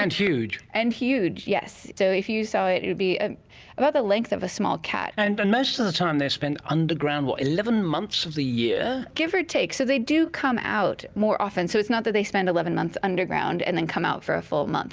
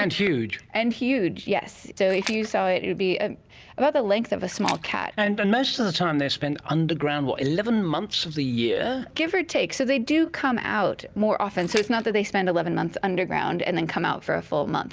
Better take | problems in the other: first | background sound (Splash, splatter); 12 dB below the speech

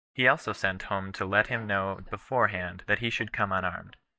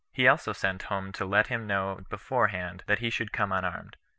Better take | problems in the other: second | noise reduction (neural mask model DeepFilterNet 3)

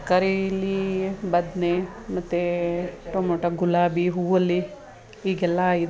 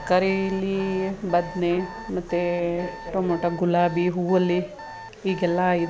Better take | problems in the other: first | background sound (Alarm); 17 dB below the speech

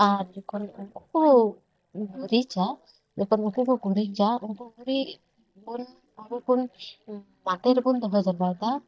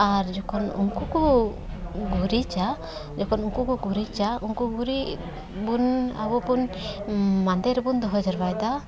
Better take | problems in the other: second | noise reduction (neural mask model DeepFilterNet 3)

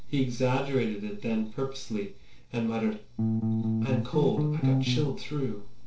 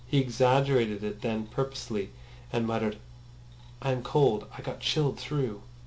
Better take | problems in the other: second | noise reduction (neural separator model SepFormer DNS4)

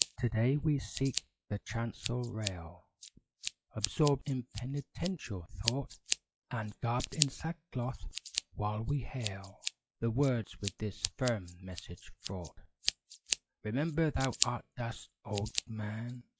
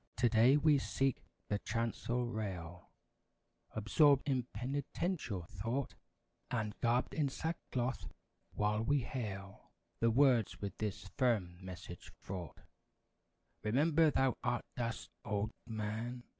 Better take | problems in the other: second | noise reduction (classical method log-MMSE)

